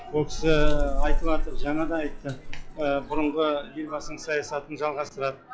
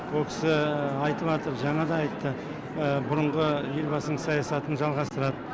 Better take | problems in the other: second | noise reduction (classical method log-MMSE)

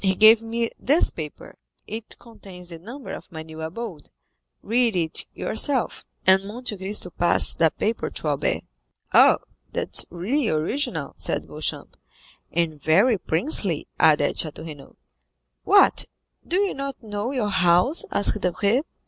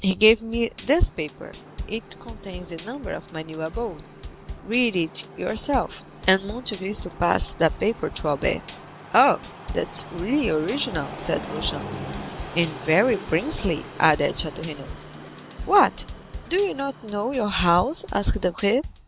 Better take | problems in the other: first | background sound (Train + Drum kit); 12 dB below the speech

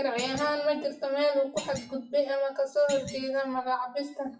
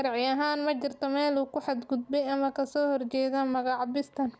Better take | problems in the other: second | noise reduction (classical method WPE with log-MMSE)

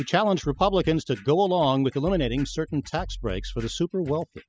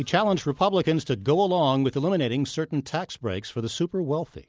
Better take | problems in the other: second | noise reduction (classical method spectral subtraction)

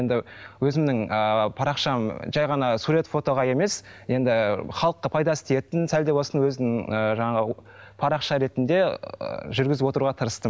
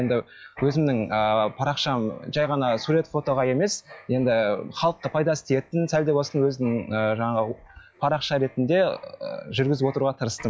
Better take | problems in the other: first | noise reduction (classical method log-MMSE)

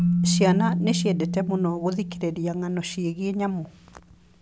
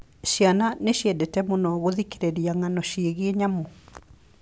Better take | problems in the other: second | background sound (Keyboard (musical)); 1 dB below the speech

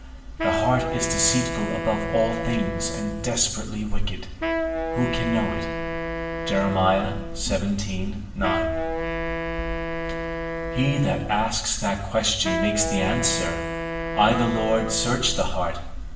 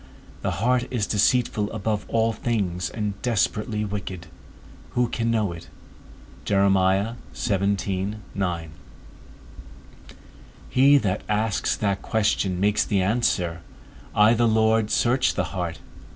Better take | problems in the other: second | background sound (Wind instrument, woodwind instrument); 5 dB below the speech // room echo; dies away in 0.8 s

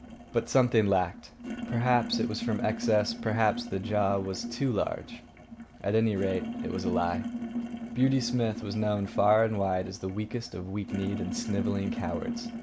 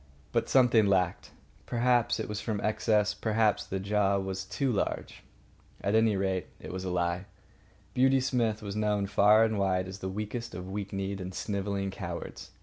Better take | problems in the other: second | background sound (Sink (filling or washing)); 7 dB below the speech

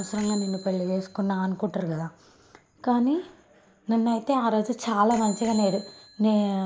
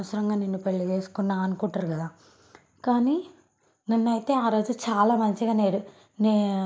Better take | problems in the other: second | background sound (Bicycle bell); 20 dB below the speech

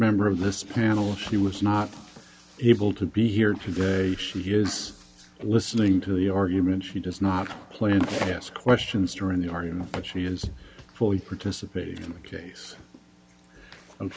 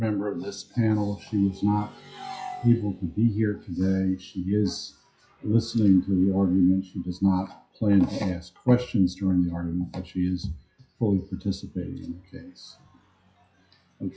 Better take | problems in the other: first | noise reduction (classical method WPE with log-MMSE)

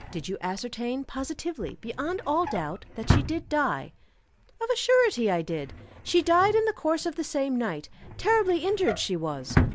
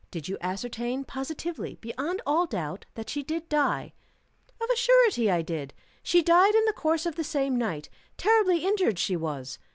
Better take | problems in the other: second | background sound (Drawer open or close); 6 dB below the speech

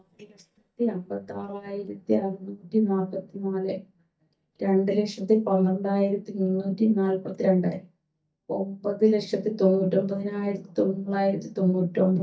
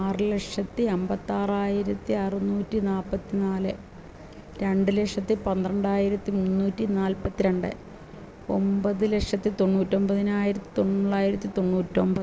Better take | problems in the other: second | noise reduction (neural mask model DeepFilterNet 3)

